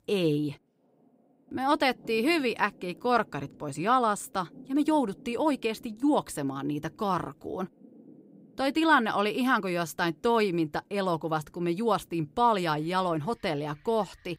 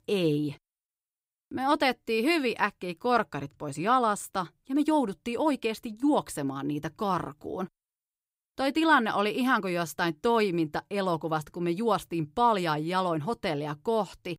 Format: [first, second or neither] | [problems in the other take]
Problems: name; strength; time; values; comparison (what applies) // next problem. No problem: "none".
second | rain or running water; faint; throughout; 25 dB below the speech